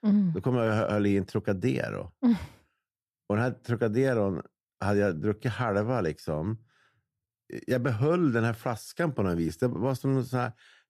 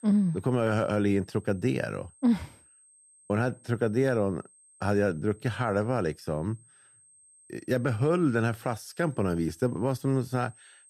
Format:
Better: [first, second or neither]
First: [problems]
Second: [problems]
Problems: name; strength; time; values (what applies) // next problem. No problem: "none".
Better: first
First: none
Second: high-pitched whine; faint; throughout; 8.5 kHz, 25 dB below the speech